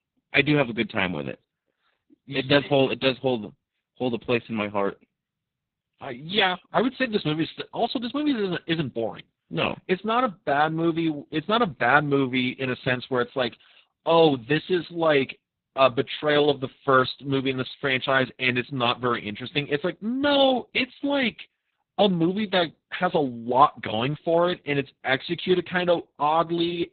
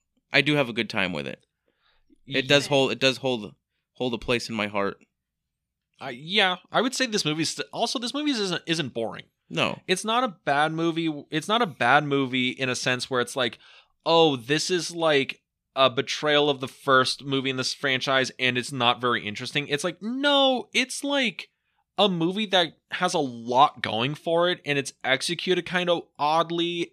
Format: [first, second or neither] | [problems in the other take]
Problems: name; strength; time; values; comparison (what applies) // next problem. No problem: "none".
second | garbled, watery; badly; nothing above 4 kHz